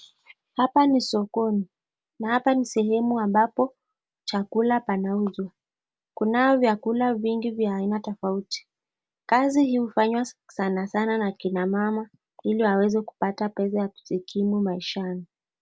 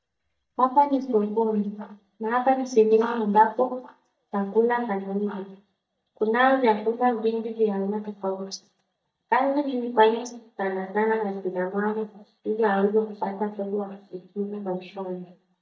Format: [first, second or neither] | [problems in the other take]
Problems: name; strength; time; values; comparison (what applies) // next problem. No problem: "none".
first | noise reduction (neural mask model DeepFilterNet 3)